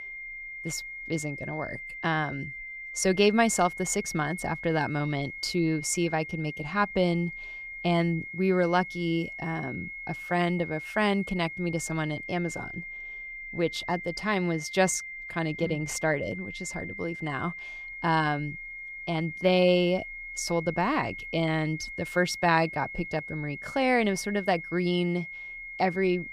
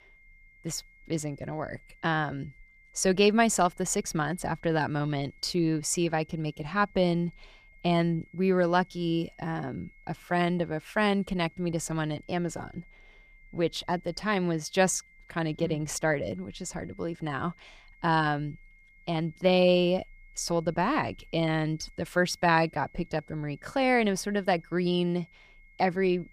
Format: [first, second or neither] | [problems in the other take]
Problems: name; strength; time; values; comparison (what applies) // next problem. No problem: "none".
second | high-pitched whine; loud; throughout; 2 kHz, 9 dB below the speech; faint in the second